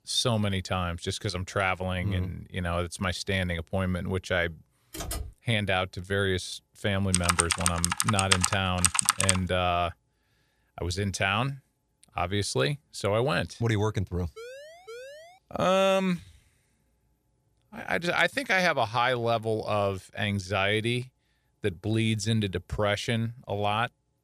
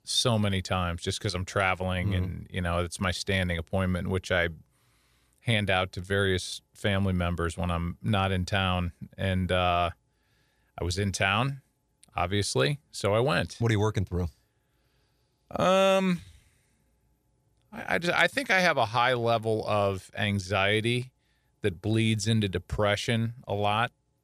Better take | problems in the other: second | keyboard typing; noticeable; at 5 s; peak 7 dB below the speech // keyboard typing; loud; from 7 to 9.5 s; peak 5 dB above the speech // siren; faint; from 14 to 15 s; peak 15 dB below the speech

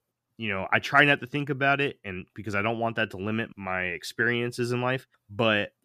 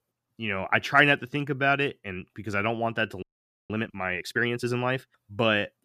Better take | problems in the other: first | audio freezing; at 3 s

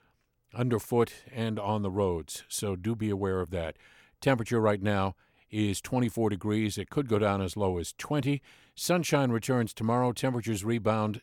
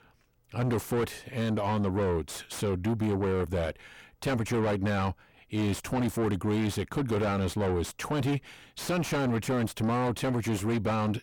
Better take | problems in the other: first | distortion; heavy; 5 dB below the speech

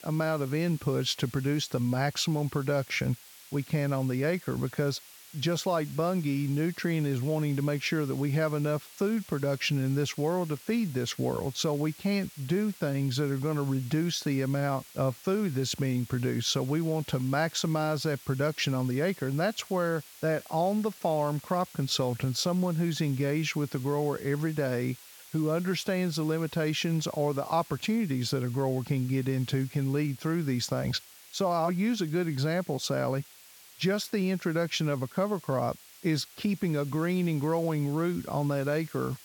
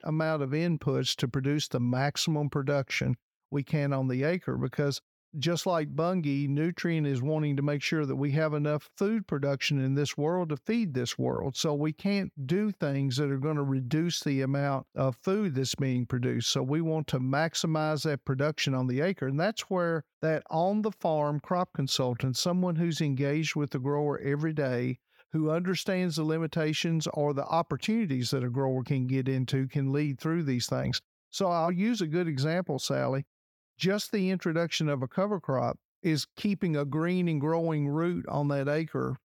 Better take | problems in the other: second | hiss; noticeable; throughout; 20 dB below the speech

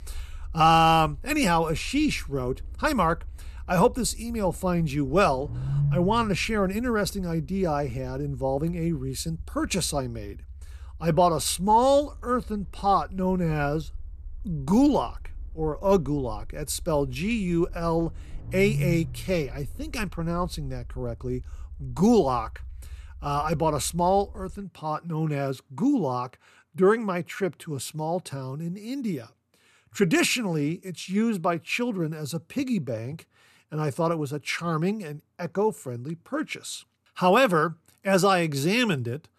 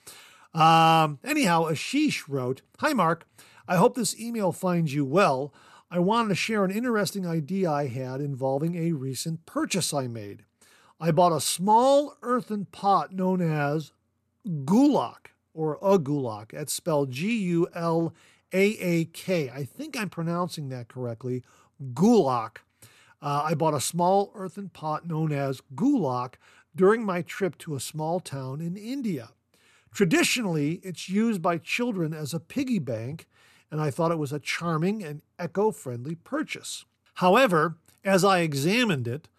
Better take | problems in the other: second | low rumble; faint; until 25 s; 20 dB below the speech

